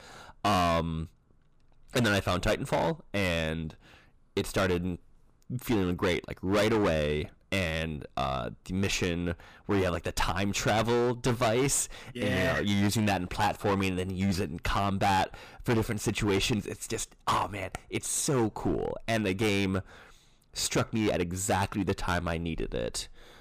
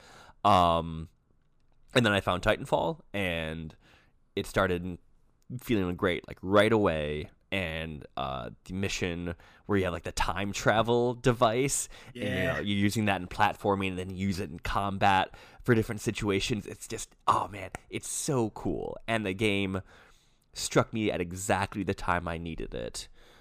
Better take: second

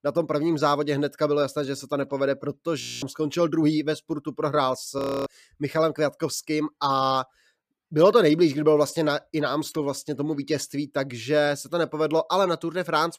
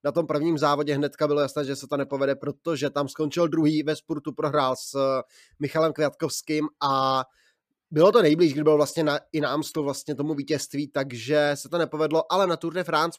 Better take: second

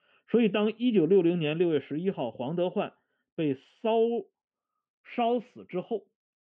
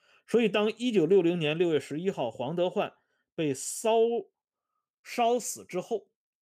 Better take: second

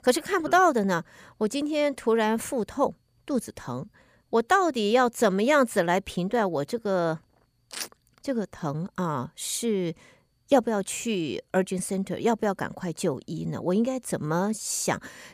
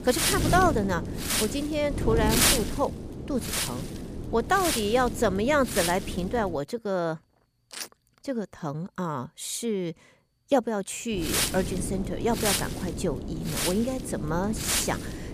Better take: first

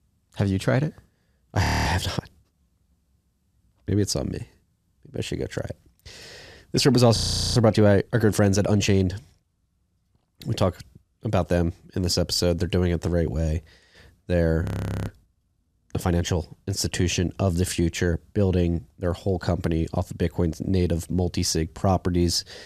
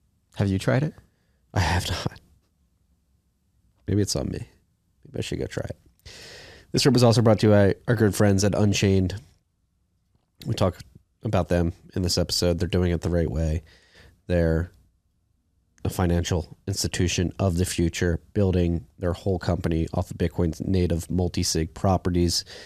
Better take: second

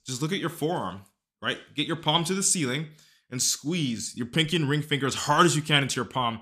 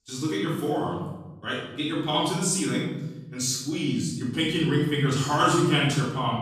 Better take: first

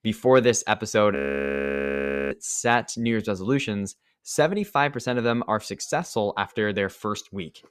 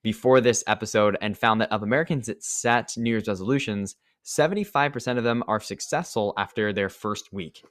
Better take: second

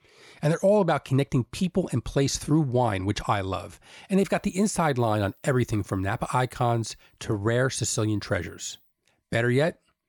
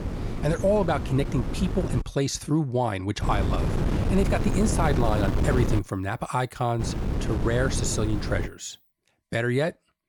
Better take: first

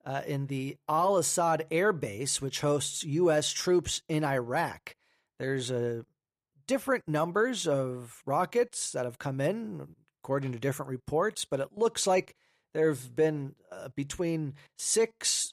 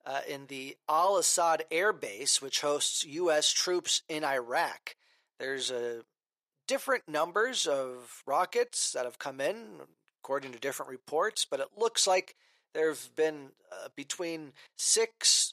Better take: first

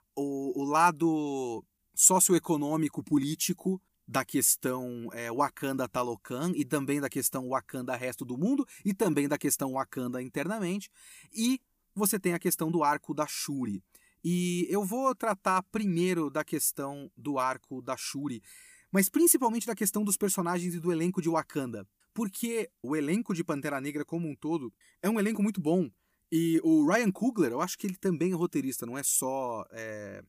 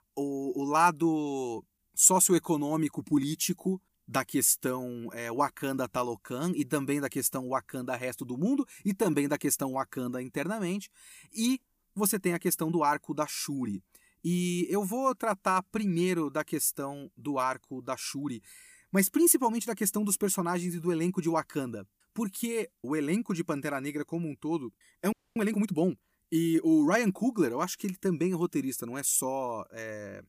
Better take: first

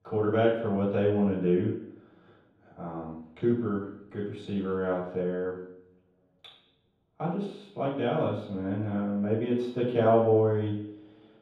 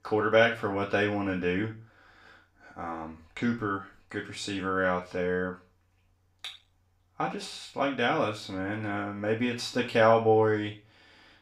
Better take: second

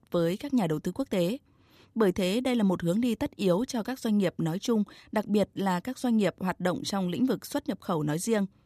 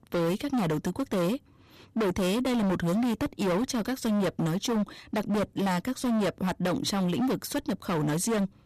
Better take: first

